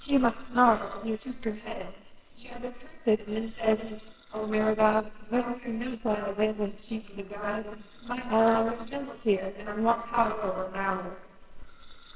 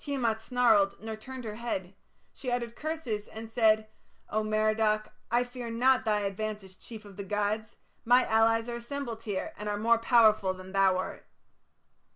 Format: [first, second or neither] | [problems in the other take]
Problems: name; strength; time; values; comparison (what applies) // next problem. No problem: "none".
second | noise reduction (neural separator model SepFormer WHAMR!)